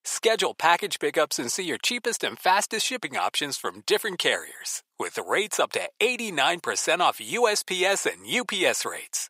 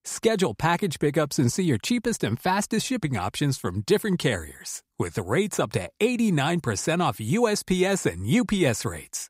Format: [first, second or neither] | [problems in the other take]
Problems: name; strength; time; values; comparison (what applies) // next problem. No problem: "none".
second | thin; very; fading below 600 Hz